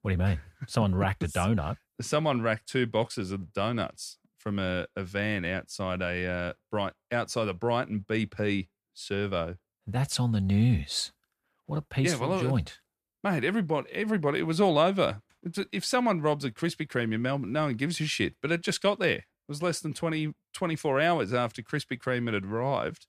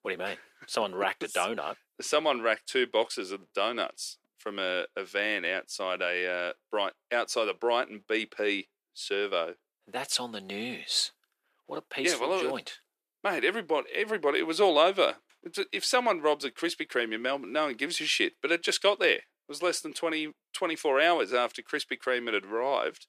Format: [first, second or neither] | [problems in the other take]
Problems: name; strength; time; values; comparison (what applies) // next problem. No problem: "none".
first | thin; very; fading below 350 Hz